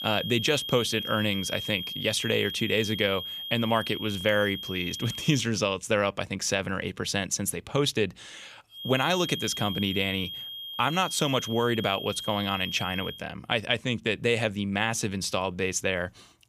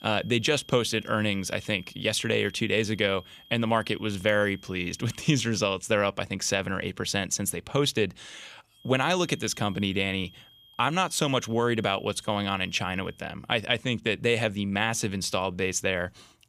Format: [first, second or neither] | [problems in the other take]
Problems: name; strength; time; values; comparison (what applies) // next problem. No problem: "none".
second | high-pitched whine; loud; until 5.5 s and from 9 to 13 s; 3 kHz, 7 dB below the speech; faint in the second